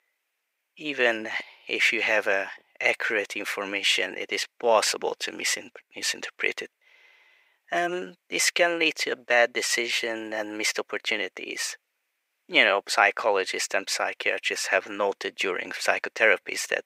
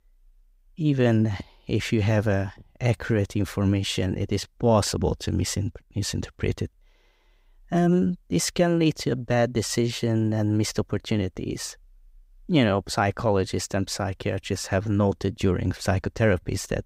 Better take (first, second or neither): second